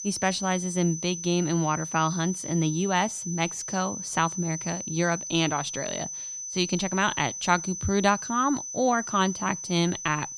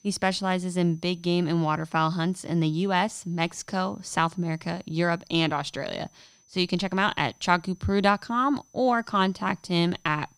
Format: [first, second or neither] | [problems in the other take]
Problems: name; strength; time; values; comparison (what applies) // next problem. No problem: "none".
second | high-pitched whine; loud; throughout; 6 kHz, 7 dB below the speech; faint in the second